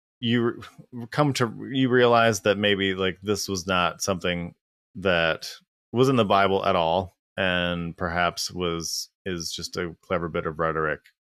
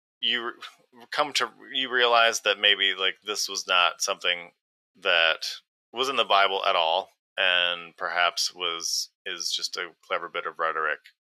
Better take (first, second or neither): first